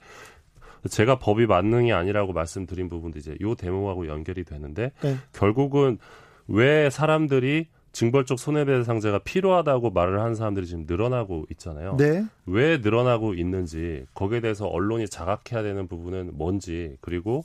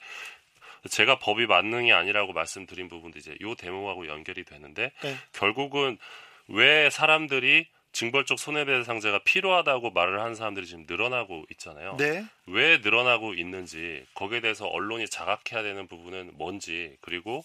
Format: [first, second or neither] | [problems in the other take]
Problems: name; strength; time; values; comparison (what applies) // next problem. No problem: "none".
first | thin; somewhat; fading below 1 kHz